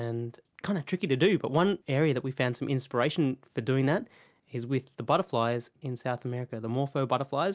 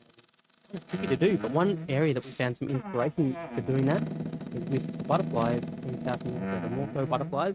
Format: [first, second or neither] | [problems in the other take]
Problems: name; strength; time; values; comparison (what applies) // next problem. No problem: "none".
first | noise reduction (neural mask model RNNoise)